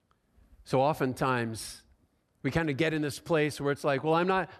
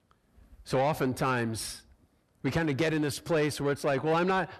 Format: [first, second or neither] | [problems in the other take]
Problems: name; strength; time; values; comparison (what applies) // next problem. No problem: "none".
first | distortion; slight; 10 dB below the speech